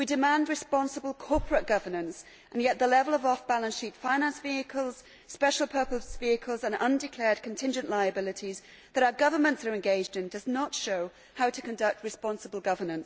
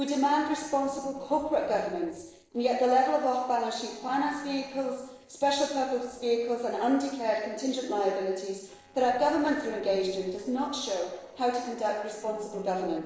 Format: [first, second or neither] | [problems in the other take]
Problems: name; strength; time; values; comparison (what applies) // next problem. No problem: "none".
first | noise reduction (neural separator model SepFormer DNS4)